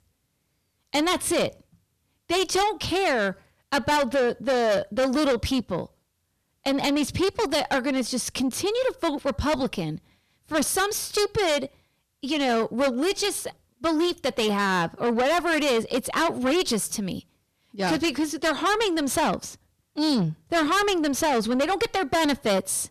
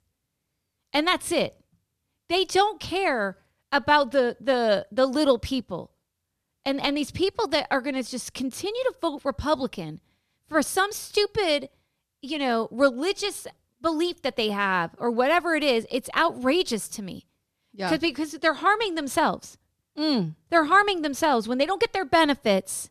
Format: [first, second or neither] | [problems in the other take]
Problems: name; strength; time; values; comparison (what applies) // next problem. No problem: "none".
second | distortion; heavy; 6 dB below the speech